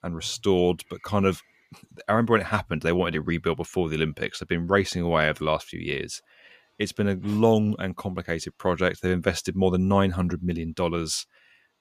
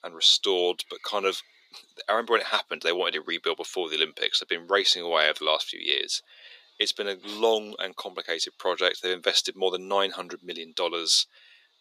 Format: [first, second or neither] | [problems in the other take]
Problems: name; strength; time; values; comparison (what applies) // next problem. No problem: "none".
first | thin; very; fading below 350 Hz